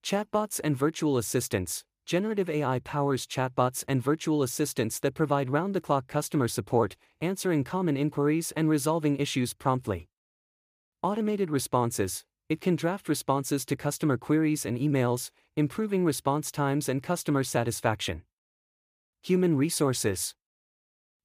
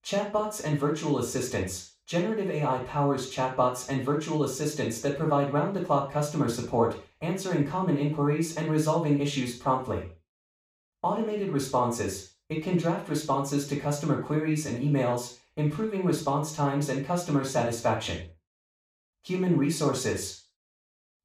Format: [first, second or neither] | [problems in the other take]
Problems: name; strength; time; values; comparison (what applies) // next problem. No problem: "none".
first | room echo; noticeable; dies away in 0.4 s // off-mic speech; far